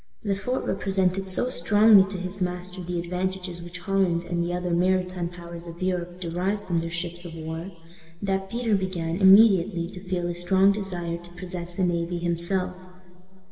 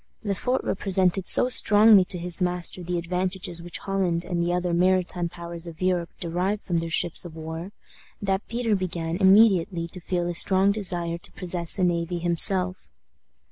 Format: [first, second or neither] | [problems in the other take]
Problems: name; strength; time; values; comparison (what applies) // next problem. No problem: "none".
second | room echo; dies away in 2.2 s